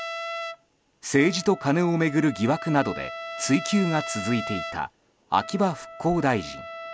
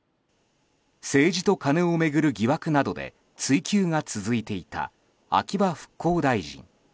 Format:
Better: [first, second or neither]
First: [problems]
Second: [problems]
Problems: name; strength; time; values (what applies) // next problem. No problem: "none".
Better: second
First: background sound (Trumpet); 11 dB below the speech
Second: none